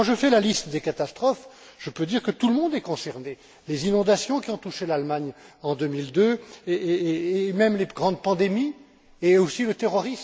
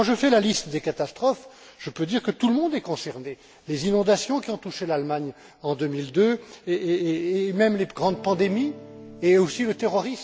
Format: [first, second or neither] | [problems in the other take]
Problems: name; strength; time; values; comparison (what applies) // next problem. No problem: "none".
first | background sound (Electric guitar / Strum); 17 dB below the speech